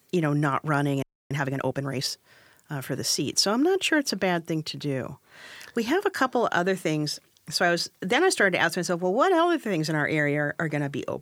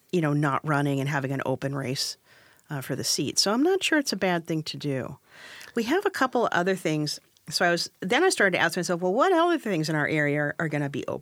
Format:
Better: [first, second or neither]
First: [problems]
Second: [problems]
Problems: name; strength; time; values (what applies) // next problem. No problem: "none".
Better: second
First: audio freezing; at 1 s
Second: none